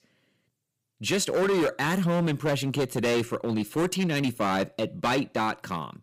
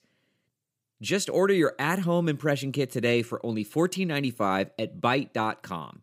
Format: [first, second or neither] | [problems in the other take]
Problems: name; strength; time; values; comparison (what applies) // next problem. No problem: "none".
second | distortion; heavy; 13% of the sound clipped